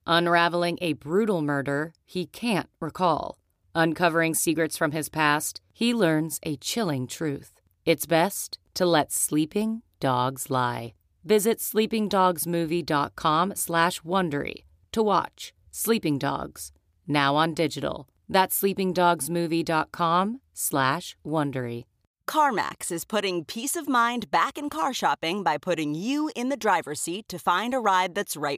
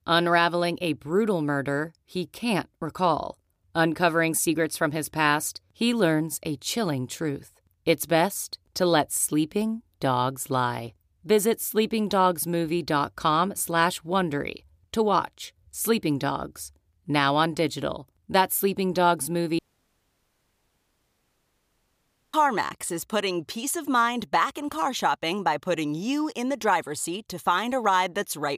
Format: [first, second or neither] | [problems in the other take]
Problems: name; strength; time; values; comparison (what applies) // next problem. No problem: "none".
first | audio cutting out; at 20 s for 2.5 s